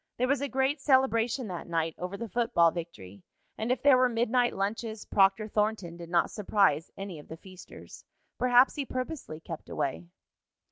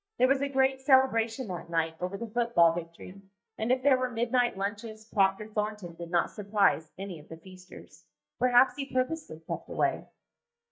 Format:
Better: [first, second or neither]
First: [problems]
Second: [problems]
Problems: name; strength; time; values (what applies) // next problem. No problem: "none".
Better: first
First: none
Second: noise reduction (neural mask model DeepFilterNet 3)